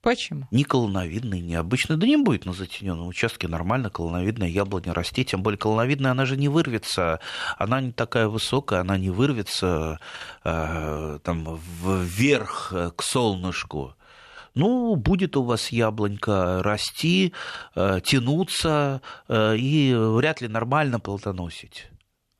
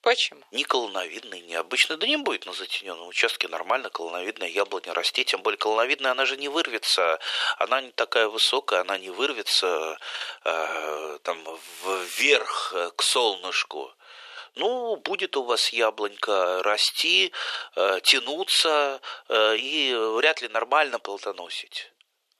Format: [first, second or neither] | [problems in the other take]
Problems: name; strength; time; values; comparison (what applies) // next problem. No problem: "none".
first | thin; very; fading below 400 Hz